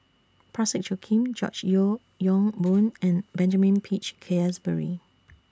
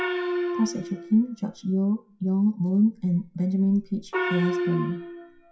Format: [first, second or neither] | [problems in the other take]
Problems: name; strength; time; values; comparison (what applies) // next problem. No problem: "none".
first | noise reduction (classical method WPE with log-MMSE)